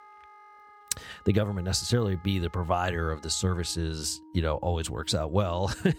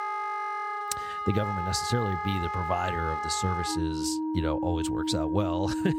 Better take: first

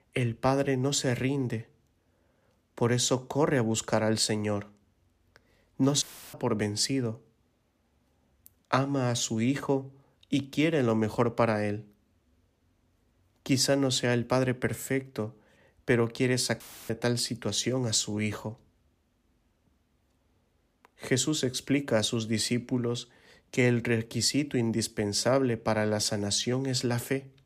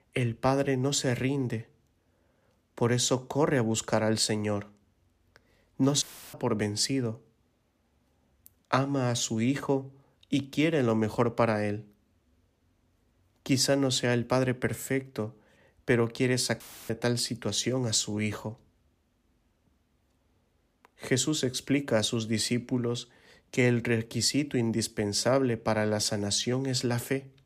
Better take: neither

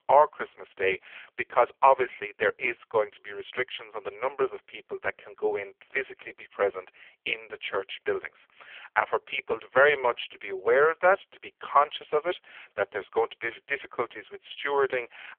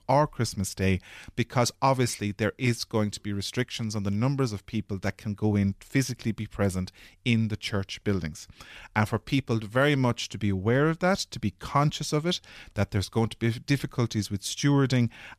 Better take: second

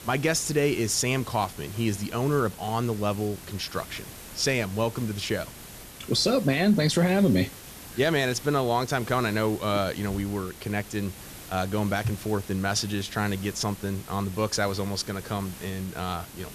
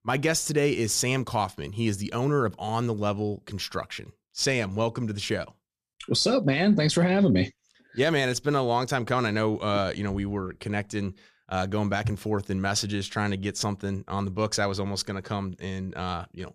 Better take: second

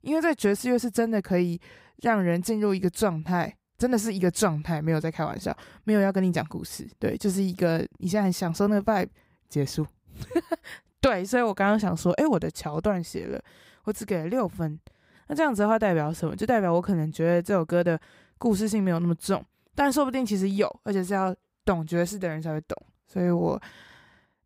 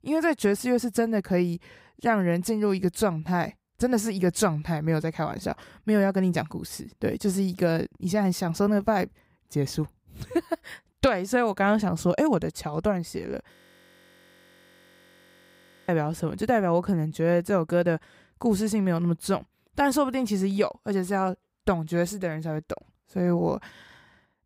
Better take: first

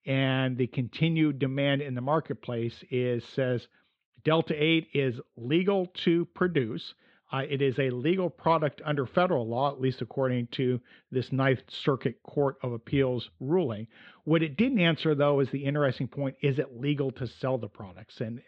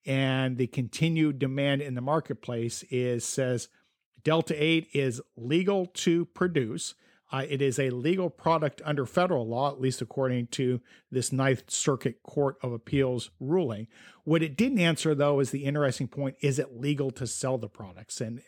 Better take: second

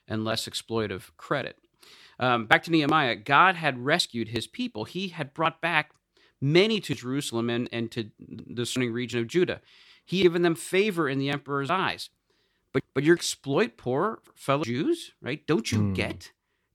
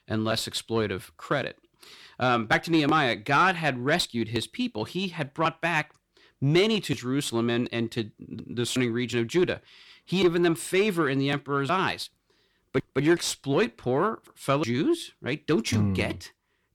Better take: first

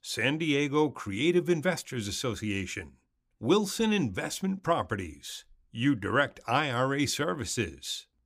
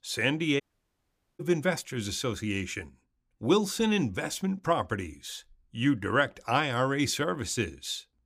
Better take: first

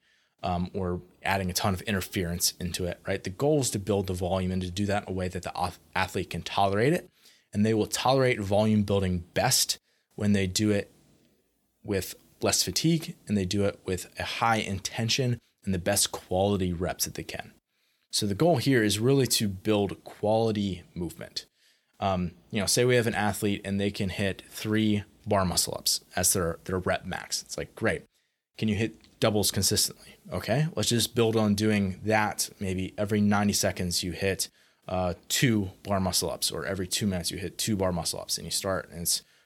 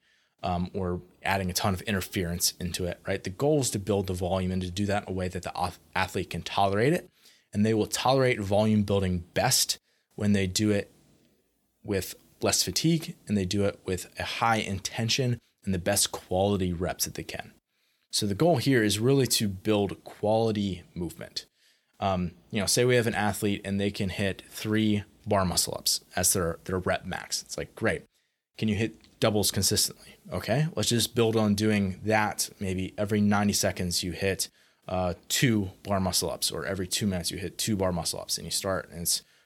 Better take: neither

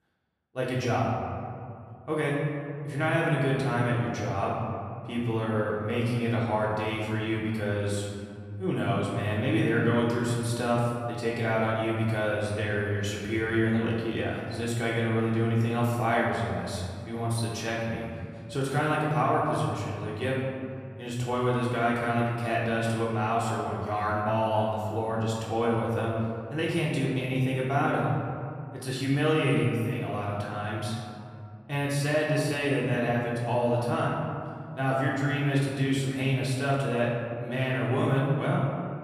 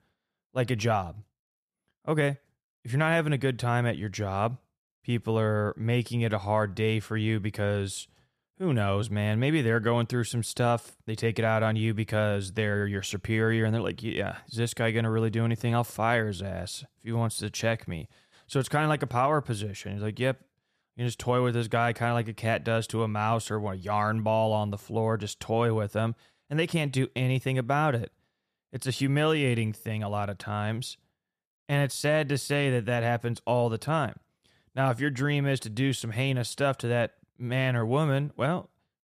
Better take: second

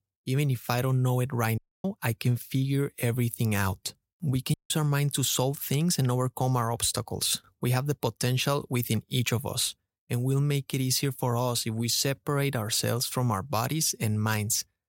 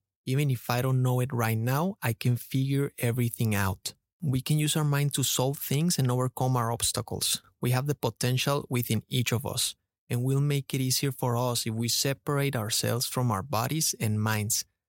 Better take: second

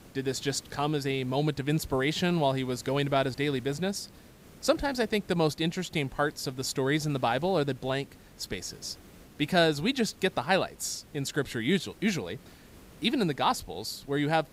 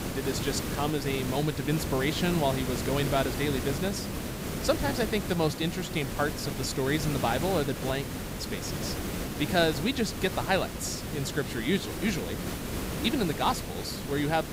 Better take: first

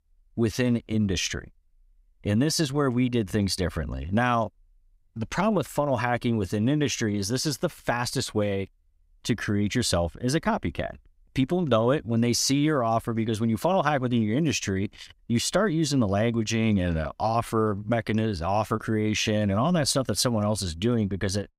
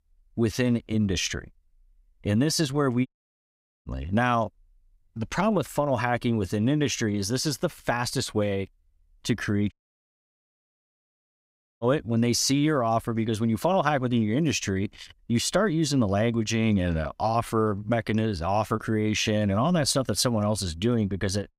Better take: first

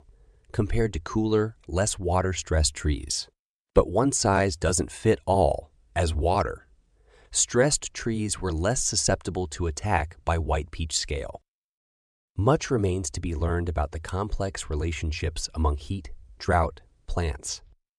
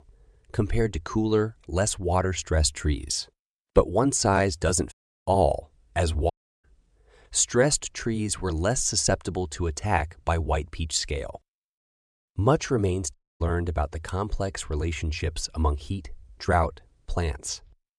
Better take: first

